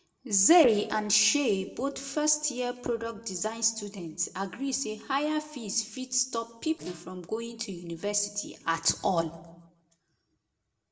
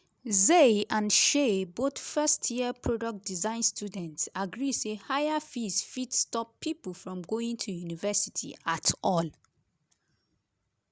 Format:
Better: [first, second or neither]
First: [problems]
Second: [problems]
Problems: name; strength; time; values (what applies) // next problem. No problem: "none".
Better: second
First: noise reduction (neural separator model SepFormer DNS4)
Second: none